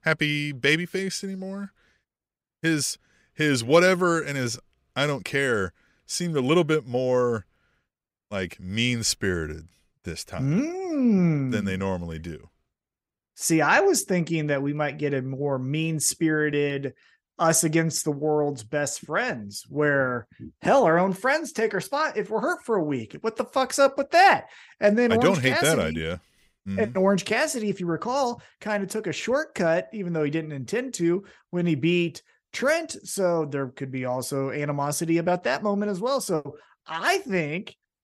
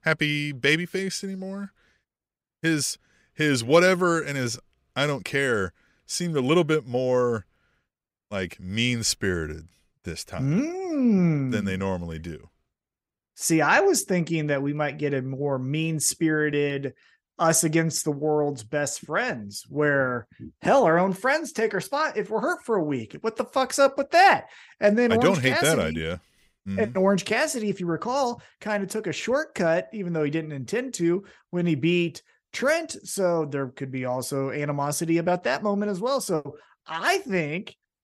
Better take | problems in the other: neither | none

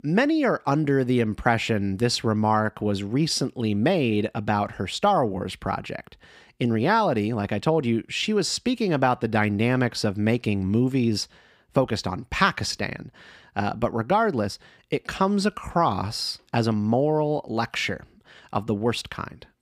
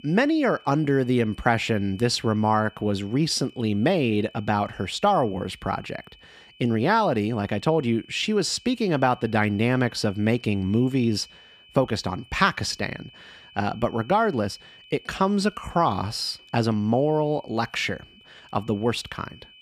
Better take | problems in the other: first | high-pitched whine; faint; throughout; 3 kHz, 25 dB below the speech

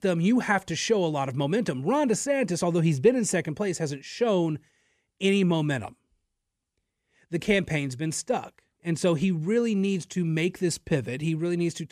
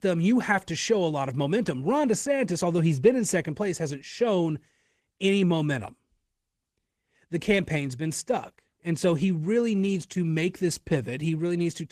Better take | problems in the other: first | garbled, watery; slightly

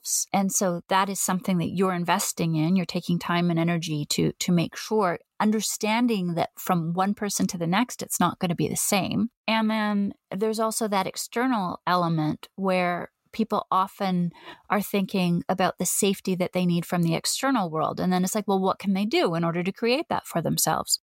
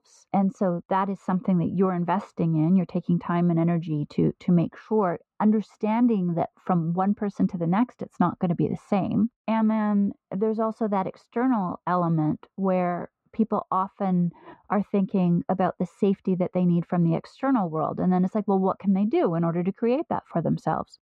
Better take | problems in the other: first | muffled; very; fading above 1 kHz

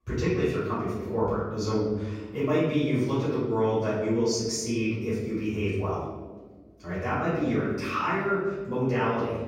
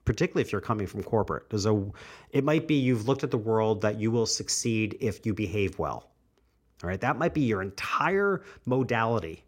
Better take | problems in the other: second | off-mic speech; far // room echo; noticeable; dies away in 1.3 s

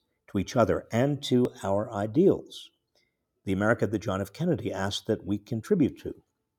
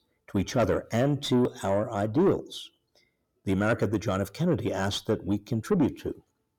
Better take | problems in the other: first | distortion; slight; 10 dB below the speech

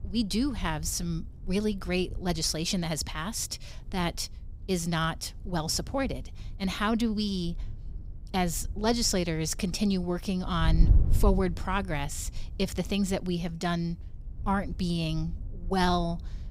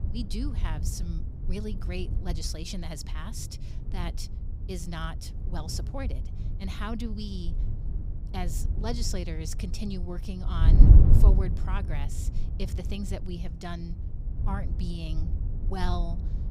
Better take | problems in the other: first | wind noise on the microphone; heavy; 5 dB below the speech; occasional gusts in the first

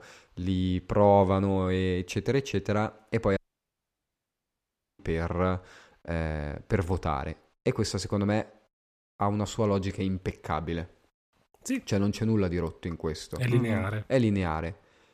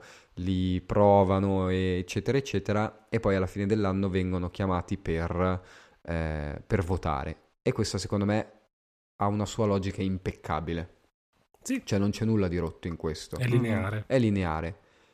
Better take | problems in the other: second | audio cutting out; at 3.5 s for 1.5 s

